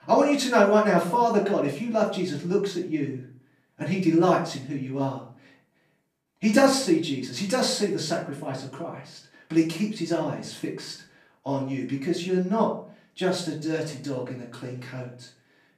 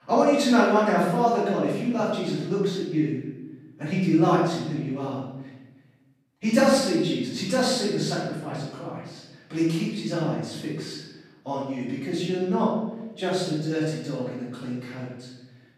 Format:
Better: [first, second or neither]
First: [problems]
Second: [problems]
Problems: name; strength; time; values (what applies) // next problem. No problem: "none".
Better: first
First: room echo; slight; dies away in 0.4 s // off-mic speech; far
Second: room echo; strong; dies away in 1 s // off-mic speech; far